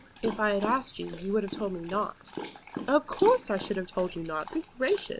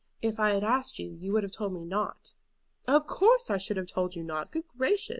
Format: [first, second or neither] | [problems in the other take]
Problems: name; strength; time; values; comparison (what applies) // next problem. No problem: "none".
second | background sound (Dog); 12 dB below the speech